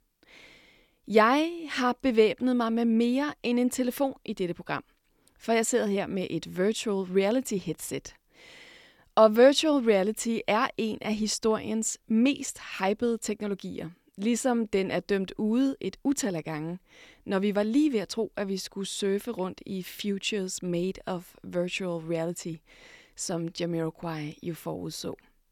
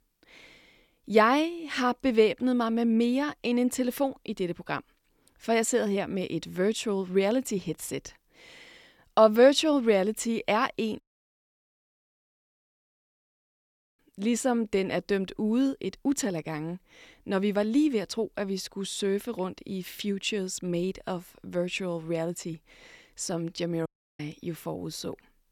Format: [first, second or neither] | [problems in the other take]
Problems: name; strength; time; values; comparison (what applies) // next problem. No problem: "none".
first | audio cutting out; at 11 s for 3 s and at 24 s